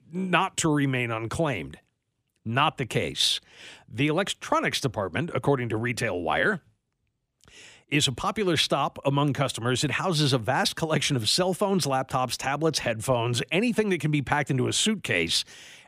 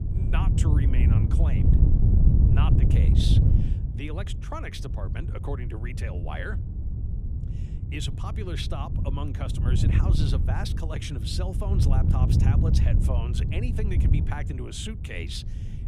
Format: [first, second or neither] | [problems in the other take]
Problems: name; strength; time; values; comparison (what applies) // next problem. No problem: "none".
first | wind noise on the microphone; heavy; 1 dB below the speech